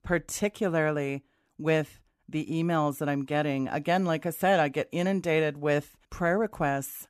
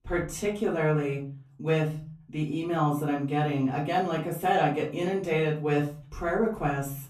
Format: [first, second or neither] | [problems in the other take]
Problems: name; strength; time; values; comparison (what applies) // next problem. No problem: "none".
first | off-mic speech; far // room echo; slight; dies away in 0.5 s